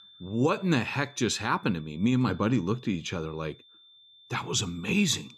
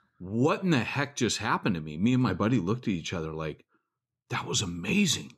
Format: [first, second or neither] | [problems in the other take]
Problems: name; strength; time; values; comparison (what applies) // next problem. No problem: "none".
second | high-pitched whine; faint; throughout; 3.5 kHz, 25 dB below the speech